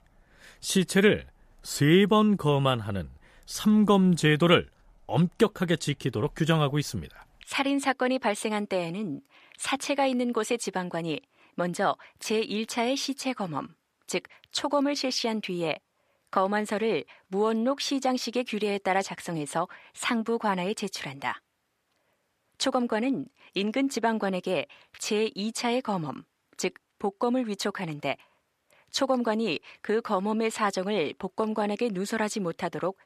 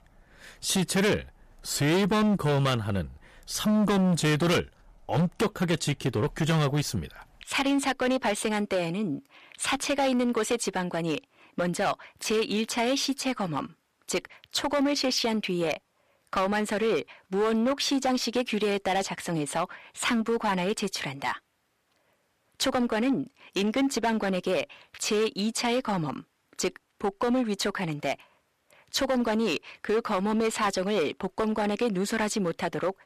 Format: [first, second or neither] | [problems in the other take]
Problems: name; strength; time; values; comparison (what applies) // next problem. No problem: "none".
first | distortion; heavy; 10% of the sound clipped